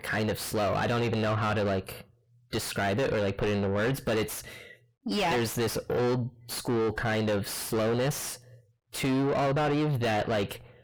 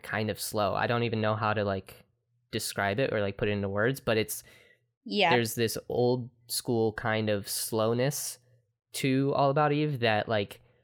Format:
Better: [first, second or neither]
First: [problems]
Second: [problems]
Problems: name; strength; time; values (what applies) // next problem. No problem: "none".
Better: second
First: distortion; heavy; 5 dB below the speech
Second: none